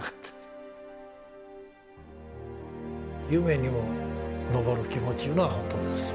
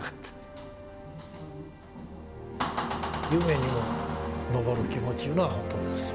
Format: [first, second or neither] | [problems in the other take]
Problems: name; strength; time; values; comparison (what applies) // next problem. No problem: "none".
first | background sound (Door); 6 dB below the speech